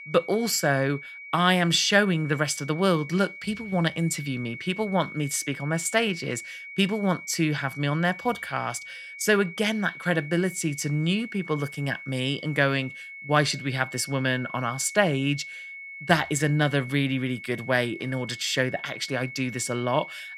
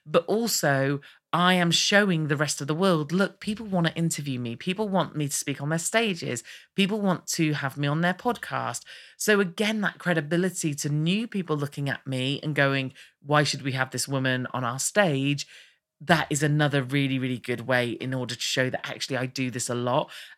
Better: second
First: high-pitched whine; noticeable; throughout; 2 kHz, 15 dB below the speech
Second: none

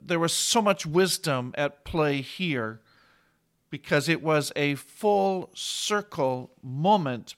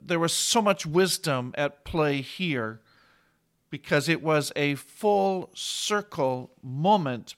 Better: neither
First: none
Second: none

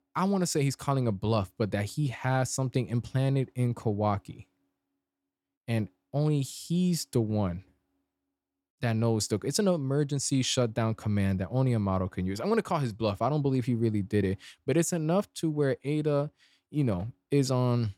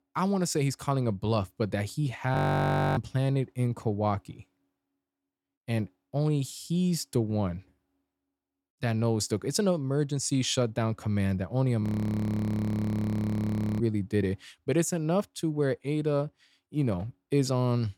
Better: first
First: none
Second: audio freezing; at 2.5 s for 0.5 s and at 12 s for 2 s

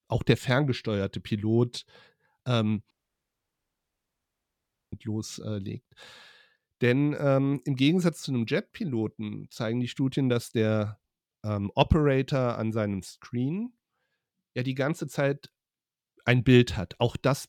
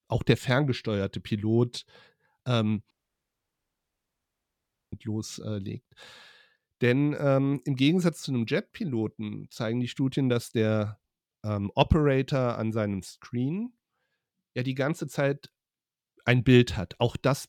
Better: neither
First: audio cutting out; at 3 s for 2 s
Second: audio cutting out; at 3 s for 2 s

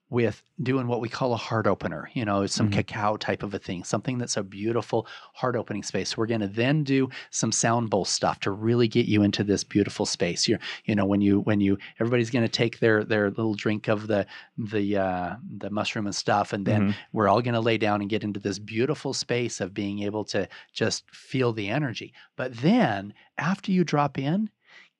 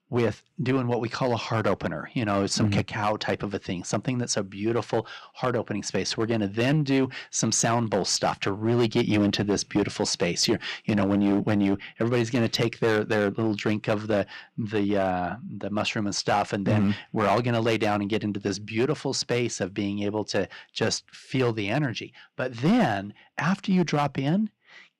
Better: first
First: none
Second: distortion; slight; 5% of the sound clipped

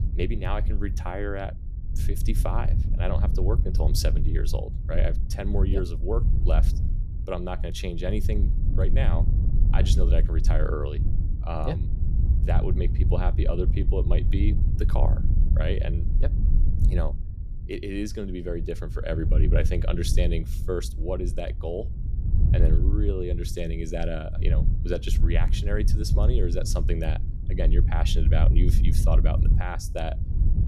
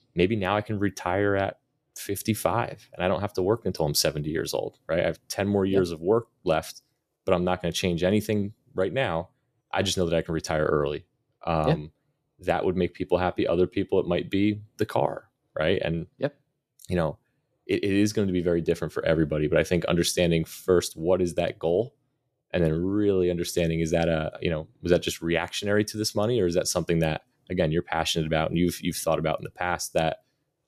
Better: second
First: wind noise on the microphone; heavy; 8 dB below the speech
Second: none

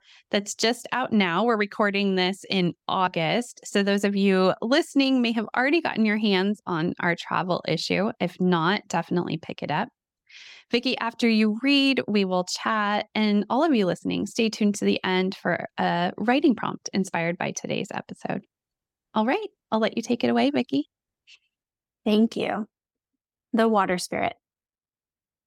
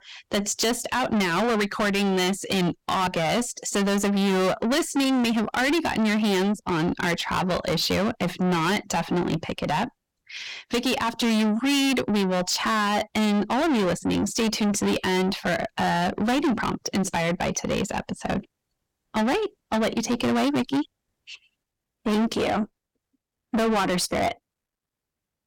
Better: first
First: none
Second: distortion; heavy; 6 dB below the speech

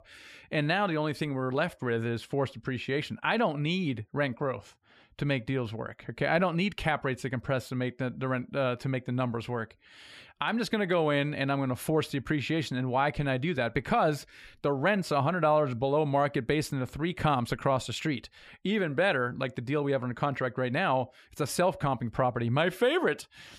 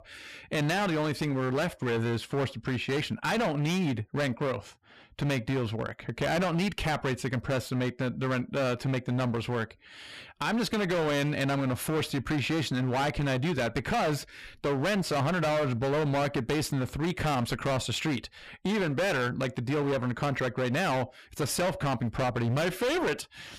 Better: first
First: none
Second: distortion; heavy; 25% of the sound clipped

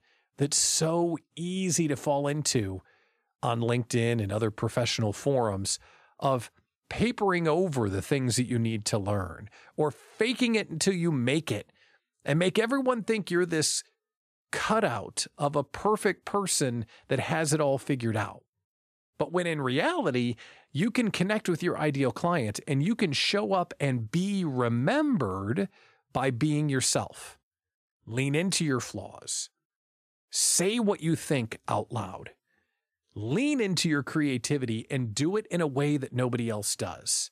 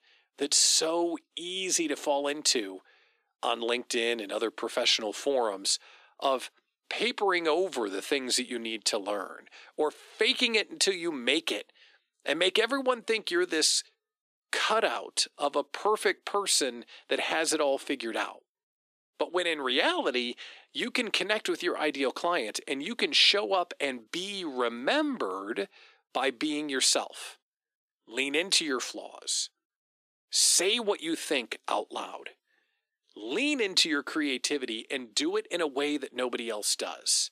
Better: first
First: none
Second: thin; somewhat; fading below 300 Hz

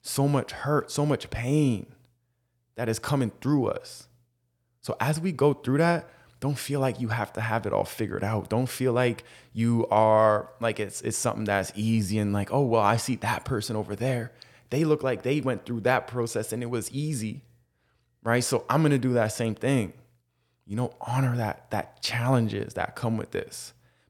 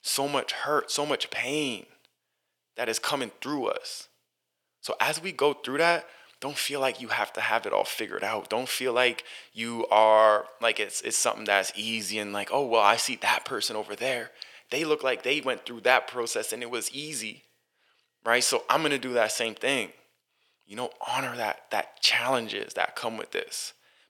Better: first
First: none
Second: thin; somewhat; fading below 500 Hz

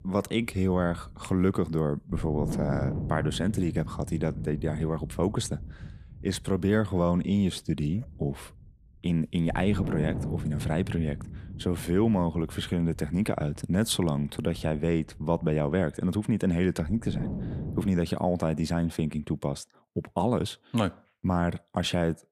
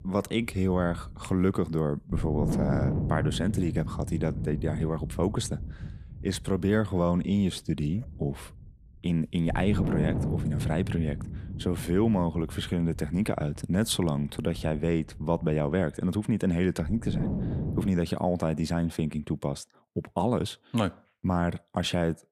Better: first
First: wind noise on the microphone; occasional gusts; until 18 s; 10 dB below the speech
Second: wind noise on the microphone; heavy; until 18 s; 9 dB below the speech

